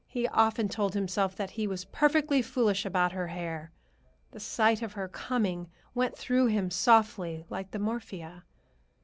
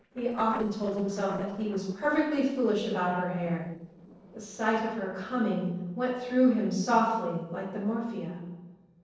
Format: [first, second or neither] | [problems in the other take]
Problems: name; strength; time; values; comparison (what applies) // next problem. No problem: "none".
first | noise reduction (neural separator model SepFormer DNS4)